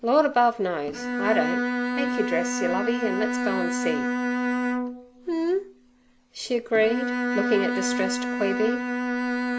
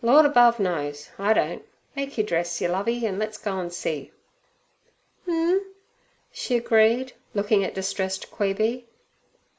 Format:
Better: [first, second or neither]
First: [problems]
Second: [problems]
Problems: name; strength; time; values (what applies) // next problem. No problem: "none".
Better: second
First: background sound (Bowed string instrument); 1 dB below the speech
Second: none